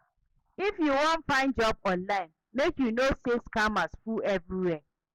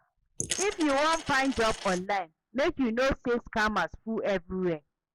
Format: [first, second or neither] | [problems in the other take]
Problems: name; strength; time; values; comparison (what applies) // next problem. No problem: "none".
first | noise reduction (neural mask model Resemble Enhance denoiser)